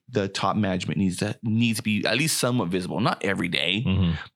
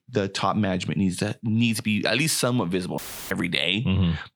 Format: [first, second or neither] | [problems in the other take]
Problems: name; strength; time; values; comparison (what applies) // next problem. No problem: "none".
first | audio cutting out; filled with static; at 3 s